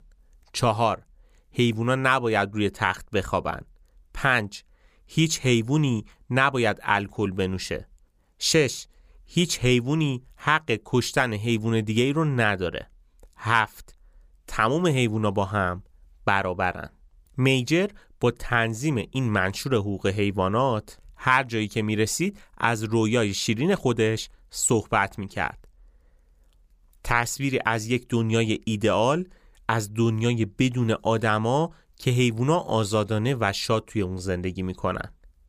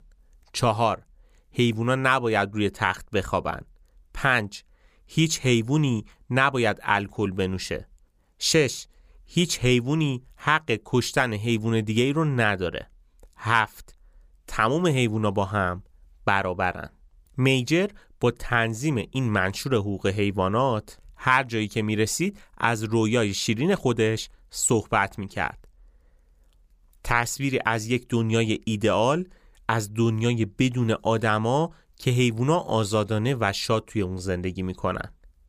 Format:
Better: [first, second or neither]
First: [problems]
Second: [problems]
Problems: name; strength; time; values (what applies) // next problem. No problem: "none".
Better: neither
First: none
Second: none